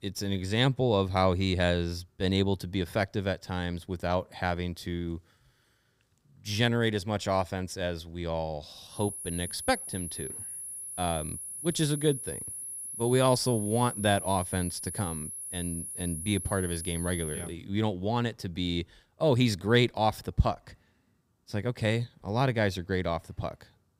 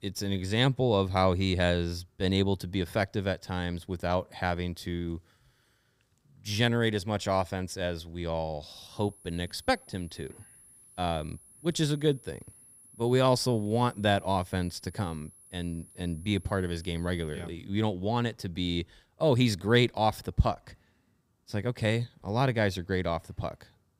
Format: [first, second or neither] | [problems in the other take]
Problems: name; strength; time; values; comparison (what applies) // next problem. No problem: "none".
second | high-pitched whine; loud; from 9 to 17 s; 10.5 kHz, 7 dB below the speech; faint in the second